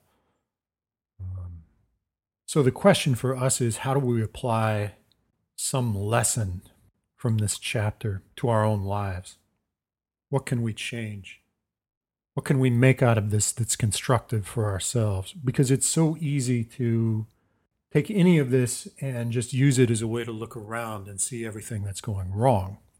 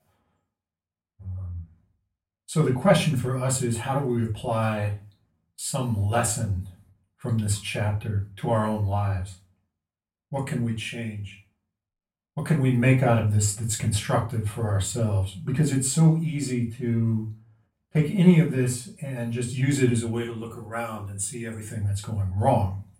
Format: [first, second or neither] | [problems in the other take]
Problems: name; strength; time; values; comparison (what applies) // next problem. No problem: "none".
first | off-mic speech; far // room echo; very slight; dies away in 0.3 s